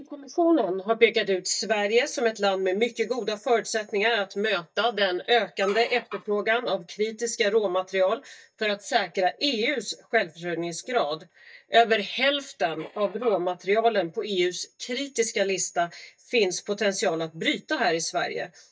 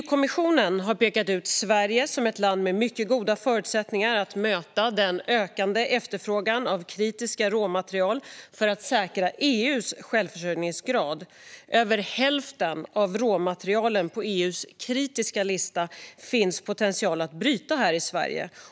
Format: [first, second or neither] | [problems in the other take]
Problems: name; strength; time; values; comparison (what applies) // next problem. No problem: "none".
second | noise reduction (neural mask model DeepFilterNet 3)